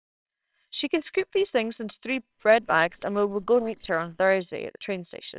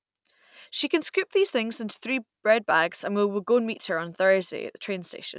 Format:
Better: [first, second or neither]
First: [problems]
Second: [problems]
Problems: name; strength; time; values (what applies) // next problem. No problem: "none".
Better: second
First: noise reduction (neural separator model SepFormer WHAMR!)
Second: none